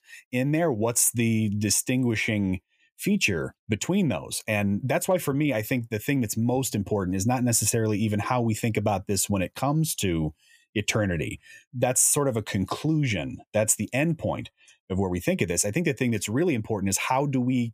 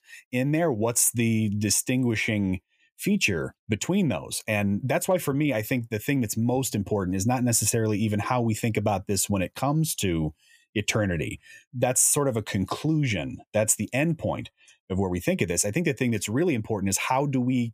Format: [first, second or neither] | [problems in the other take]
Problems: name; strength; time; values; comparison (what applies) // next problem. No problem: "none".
neither | none